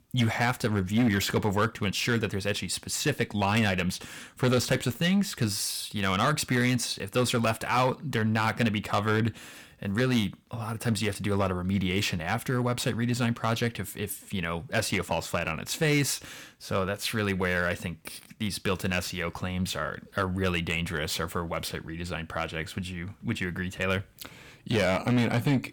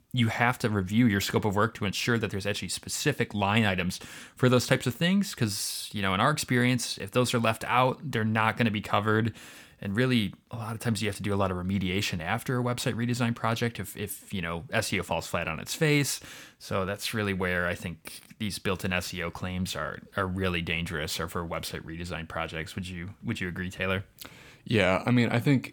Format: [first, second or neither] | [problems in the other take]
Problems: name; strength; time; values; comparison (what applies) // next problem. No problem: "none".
second | distortion; slight; 4% of the sound clipped